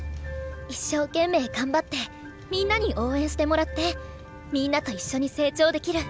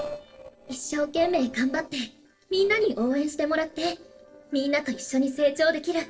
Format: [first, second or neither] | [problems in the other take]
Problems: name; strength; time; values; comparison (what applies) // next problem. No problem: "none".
first | noise reduction (neural separator model SepFormer DNS4)